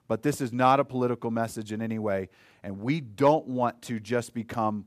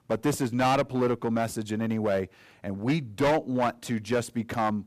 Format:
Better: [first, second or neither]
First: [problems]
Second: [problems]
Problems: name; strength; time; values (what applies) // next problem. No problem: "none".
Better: first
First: none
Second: distortion; heavy; 7% of the sound clipped